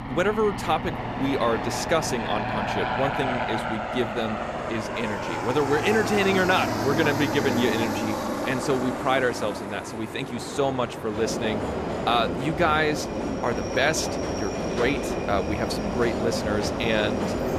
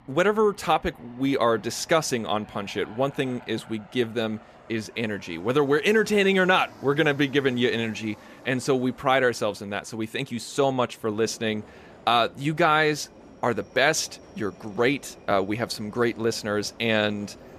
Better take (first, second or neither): second